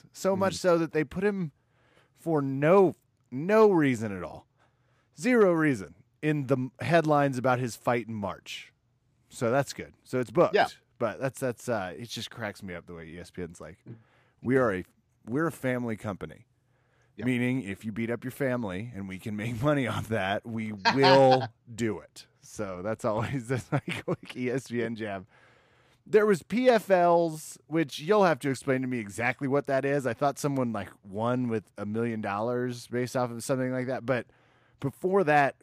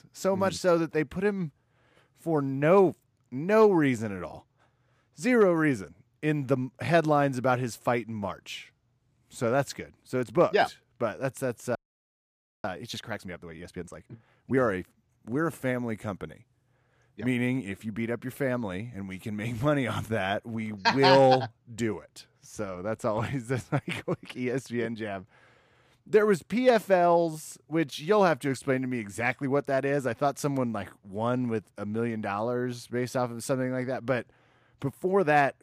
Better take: first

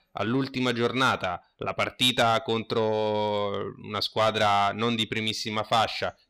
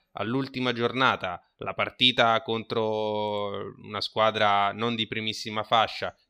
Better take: second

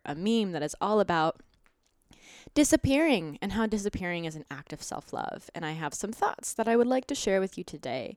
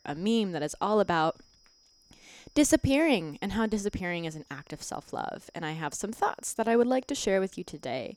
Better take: first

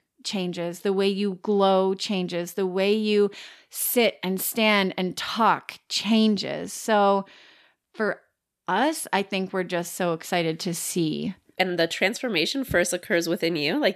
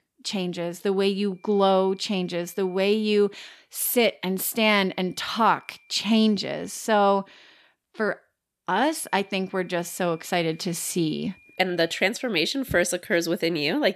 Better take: first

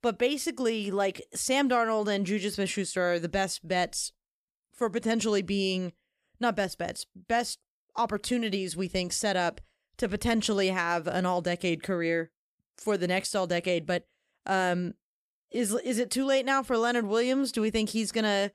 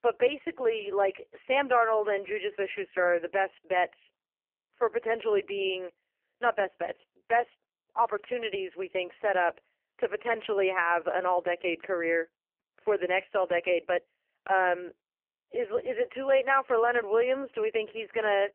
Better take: first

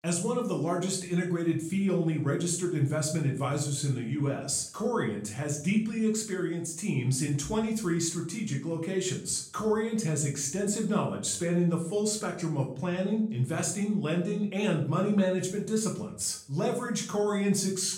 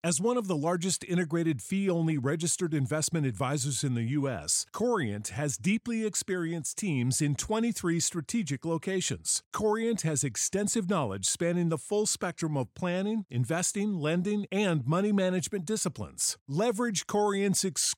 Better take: second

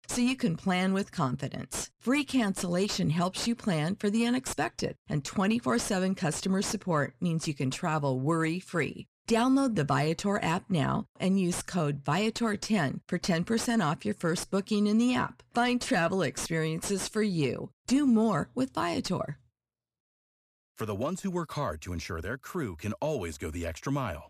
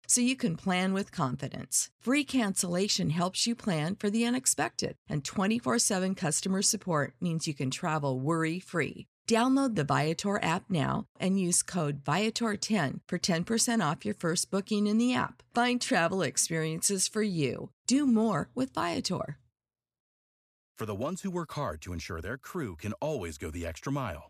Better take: second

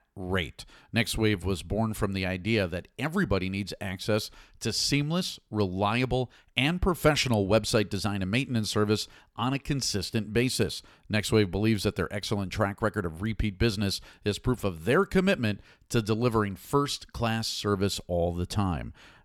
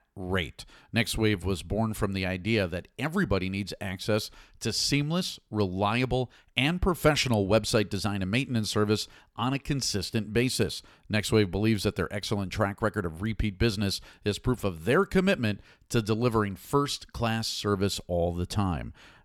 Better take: neither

